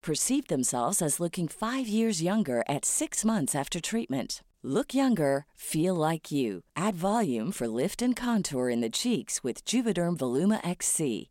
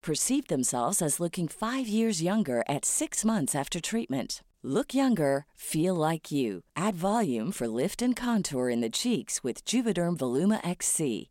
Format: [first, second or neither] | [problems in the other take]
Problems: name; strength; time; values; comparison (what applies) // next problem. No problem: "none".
neither | none